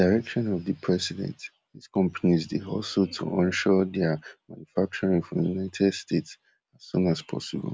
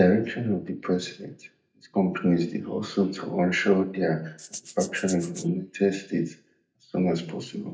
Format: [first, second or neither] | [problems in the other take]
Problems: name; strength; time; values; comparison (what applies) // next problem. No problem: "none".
first | noise reduction (neural mask model DeepFilterNet 3)